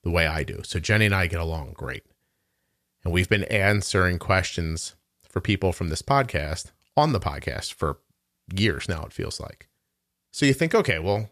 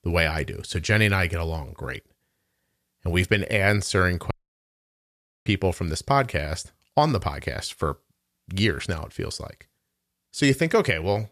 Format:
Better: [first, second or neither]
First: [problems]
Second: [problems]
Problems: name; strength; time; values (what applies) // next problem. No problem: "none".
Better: first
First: none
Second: audio cutting out; at 4.5 s for 1 s